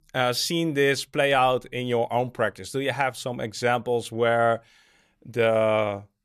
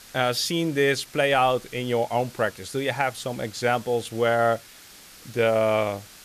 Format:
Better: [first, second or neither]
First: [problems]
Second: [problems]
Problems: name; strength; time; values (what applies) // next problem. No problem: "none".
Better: first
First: none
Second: hiss; faint; throughout; 20 dB below the speech